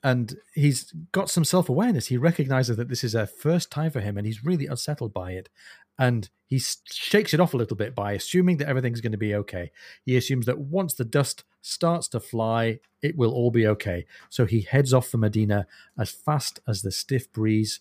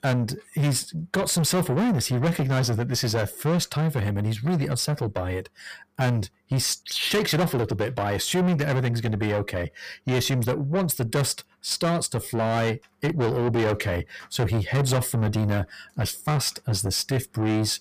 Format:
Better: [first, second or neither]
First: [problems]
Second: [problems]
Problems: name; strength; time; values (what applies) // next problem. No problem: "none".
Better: first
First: none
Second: distortion; heavy; 6 dB below the speech